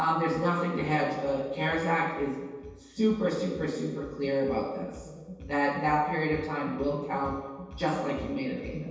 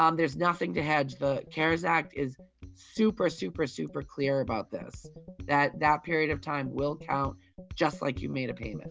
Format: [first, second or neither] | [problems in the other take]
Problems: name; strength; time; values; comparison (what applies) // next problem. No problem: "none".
second | room echo; dies away in 1.2 s